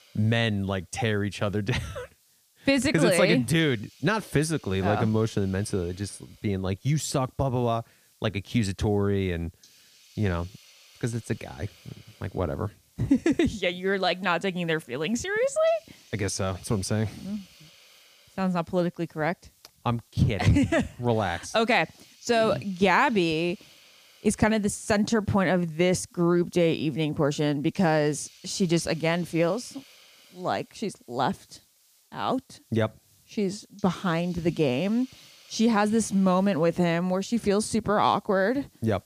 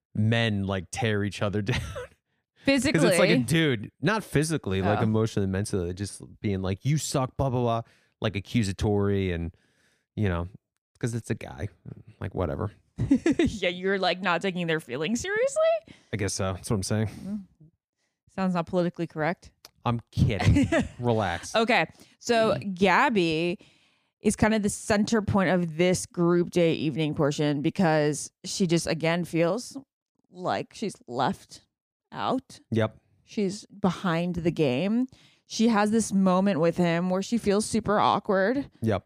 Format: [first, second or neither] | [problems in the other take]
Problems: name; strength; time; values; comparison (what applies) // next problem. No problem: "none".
second | hiss; faint; throughout; 30 dB below the speech